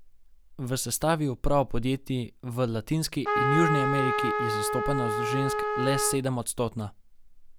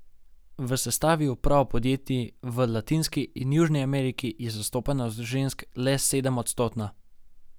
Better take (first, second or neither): second